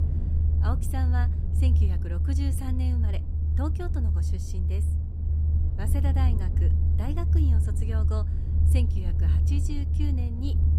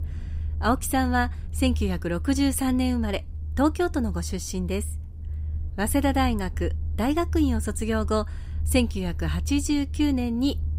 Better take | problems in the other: second | low rumble; loud; throughout; 1 dB below the speech; faint in the second

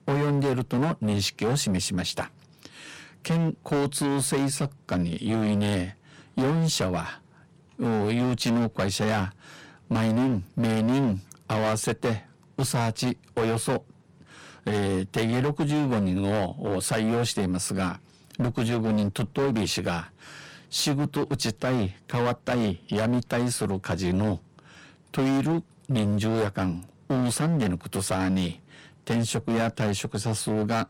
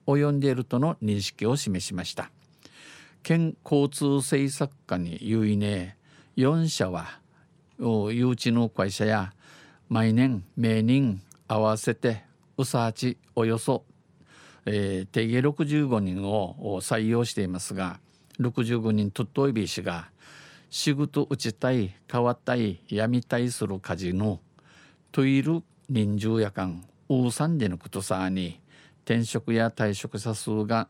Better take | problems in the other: second | distortion; heavy; 16% of the sound clipped

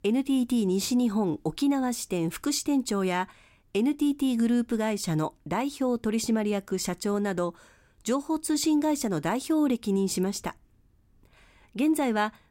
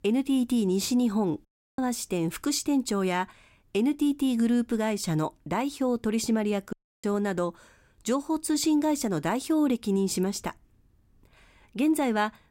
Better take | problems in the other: first | audio cutting out; at 1.5 s and at 6.5 s

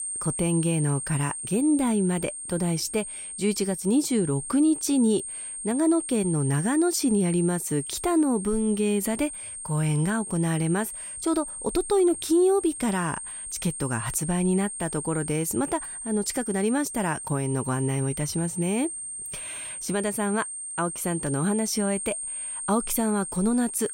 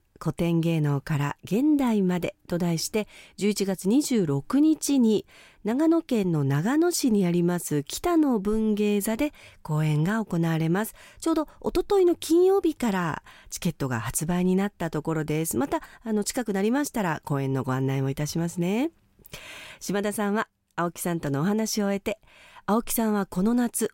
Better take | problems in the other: second | high-pitched whine; loud; throughout; 8.5 kHz, 7 dB below the speech

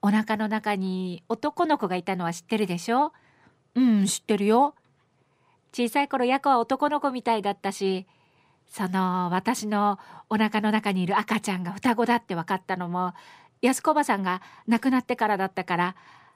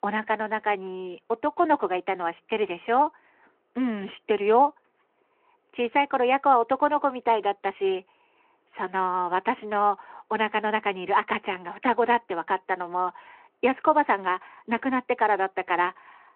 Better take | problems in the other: first | phone-call audio

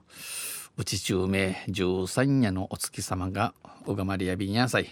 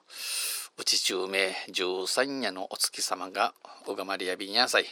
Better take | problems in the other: first | thin; very; fading below 450 Hz

